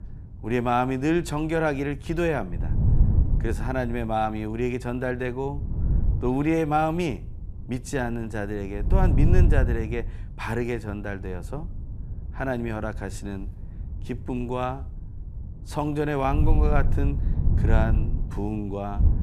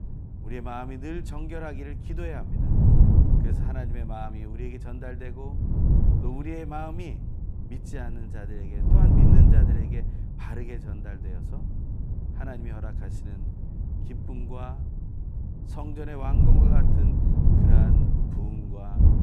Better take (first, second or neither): first